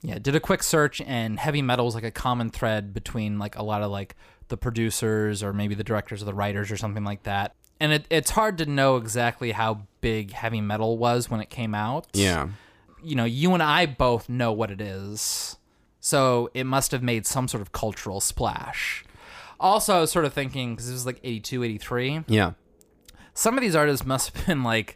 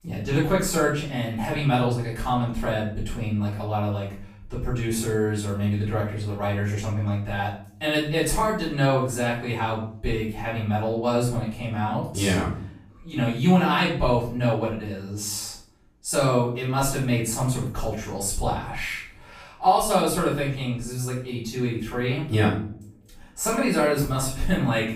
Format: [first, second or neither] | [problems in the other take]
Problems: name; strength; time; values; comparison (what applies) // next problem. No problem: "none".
first | off-mic speech; far // room echo; noticeable; dies away in 0.5 s